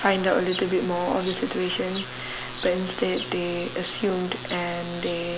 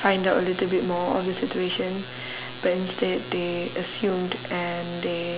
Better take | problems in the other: second | background sound (Bird vocalization, bird call, bird song); 14 dB below the speech

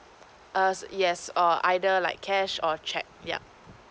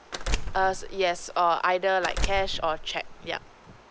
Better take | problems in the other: first | background sound (Door); 5 dB below the speech

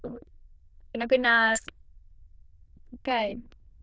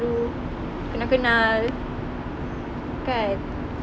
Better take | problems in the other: second | noise reduction (neural diffusion model UNIVERSE++)

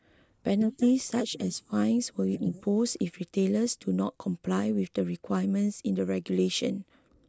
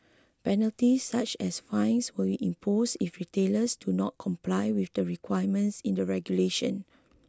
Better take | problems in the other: second | noise reduction (neural mask model Resemble Enhance denoiser)

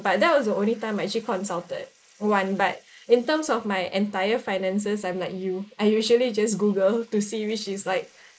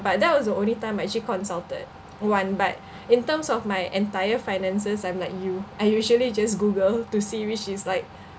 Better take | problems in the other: second | noise reduction (neural mask model Resemble Enhance denoiser)

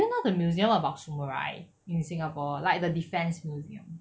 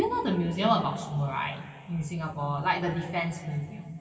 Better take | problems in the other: first | room echo; dies away in 2.6 s

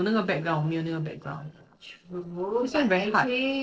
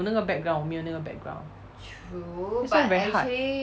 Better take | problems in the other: second | noise reduction (neural separator model SepFormer DNS4)

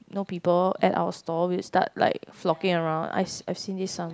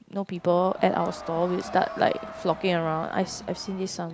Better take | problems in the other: first | background sound (Crowd); 14 dB below the speech

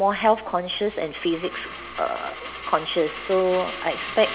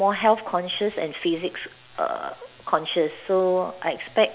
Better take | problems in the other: second | background sound (Coin (dropping)); 12 dB below the speech

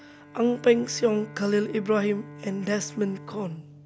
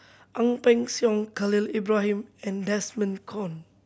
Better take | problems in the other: second | background sound (Bowed string instrument); 17 dB below the speech

